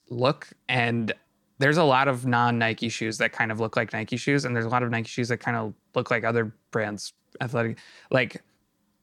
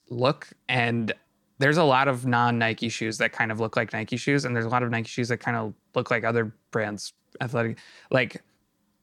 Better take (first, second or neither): neither